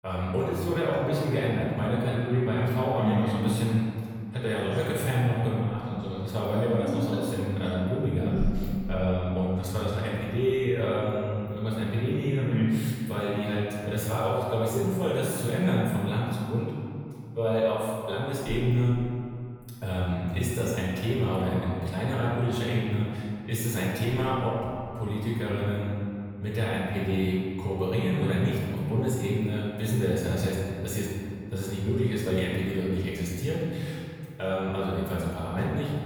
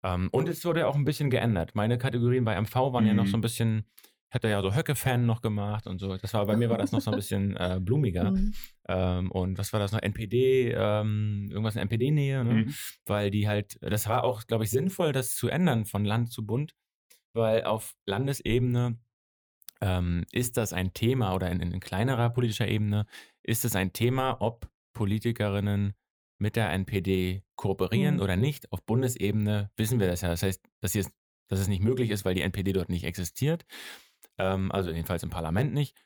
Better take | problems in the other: second | off-mic speech; far // room echo; strong; dies away in 2.2 s

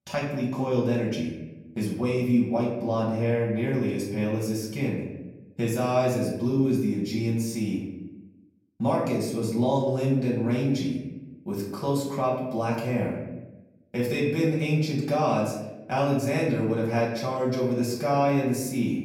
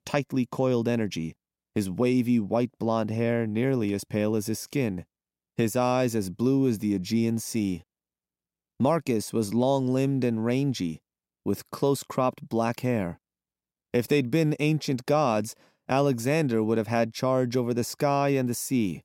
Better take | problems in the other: second | off-mic speech; far // room echo; noticeable; dies away in 0.8 s

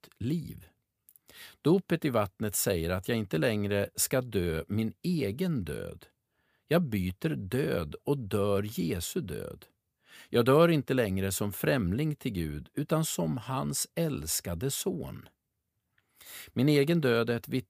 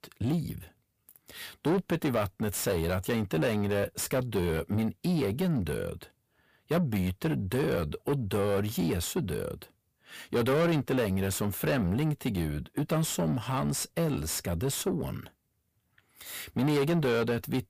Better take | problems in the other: first | distortion; heavy; 8 dB below the speech

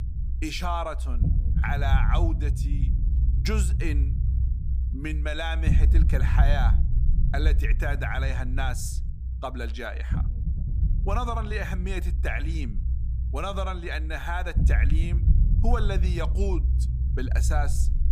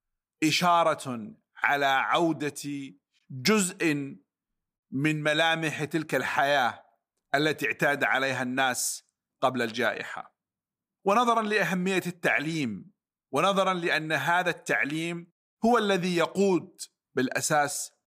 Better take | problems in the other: second | low rumble; noticeable; throughout; 10 dB below the speech

